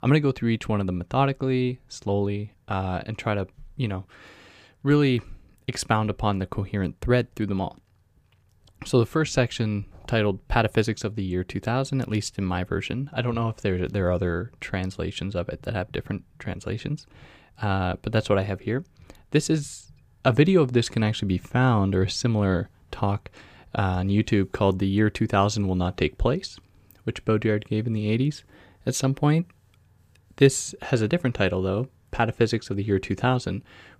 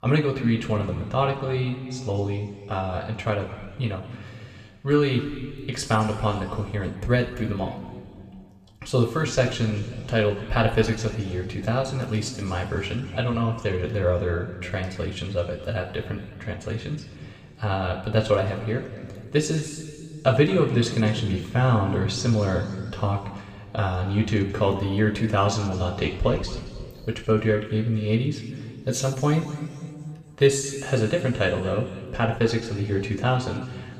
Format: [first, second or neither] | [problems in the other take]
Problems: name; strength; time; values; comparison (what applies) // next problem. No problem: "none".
first | room echo; noticeable; dies away in 2.1 s // off-mic speech; somewhat distant